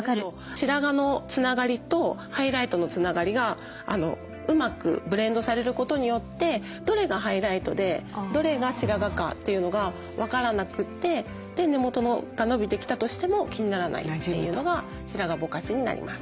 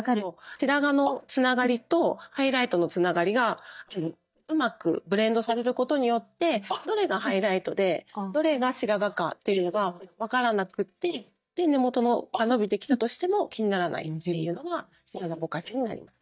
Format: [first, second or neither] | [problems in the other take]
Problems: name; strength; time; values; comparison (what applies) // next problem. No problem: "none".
first | noise reduction (neural mask model DeepFilterNet 3)